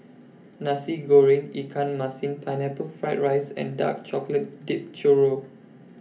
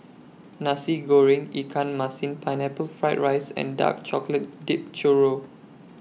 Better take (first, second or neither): second